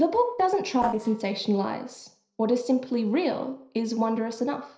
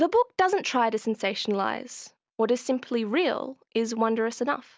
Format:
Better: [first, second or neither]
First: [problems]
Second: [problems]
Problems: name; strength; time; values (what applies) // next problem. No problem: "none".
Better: second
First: noise reduction (neural separator model SepFormer DNS4)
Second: none